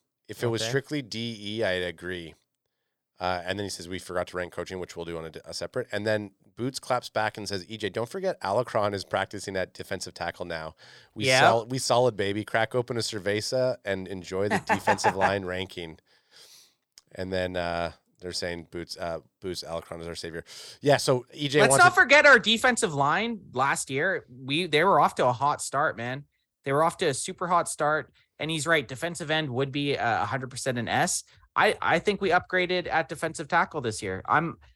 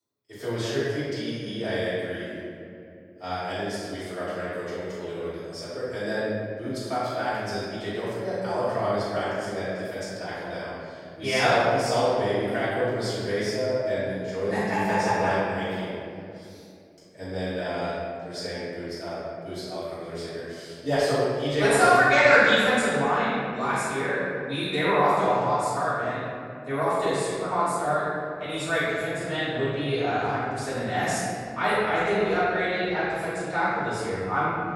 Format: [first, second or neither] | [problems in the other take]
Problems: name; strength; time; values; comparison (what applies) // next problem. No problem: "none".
first | room echo; strong; dies away in 2.5 s // off-mic speech; far